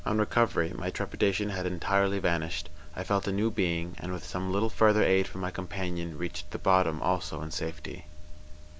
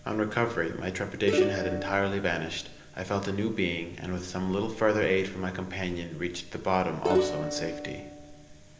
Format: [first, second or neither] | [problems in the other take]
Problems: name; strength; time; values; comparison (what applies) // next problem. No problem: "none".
first | background sound (Plucked string instrument); 1 dB below the speech // room echo; dies away in 0.8 s